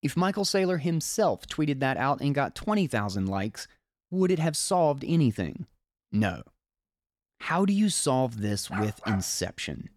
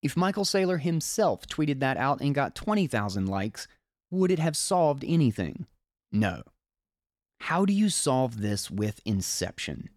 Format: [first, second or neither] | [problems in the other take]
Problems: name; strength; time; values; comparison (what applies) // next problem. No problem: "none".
second | dog barking; noticeable; at 8.5 s; peak 8 dB below the speech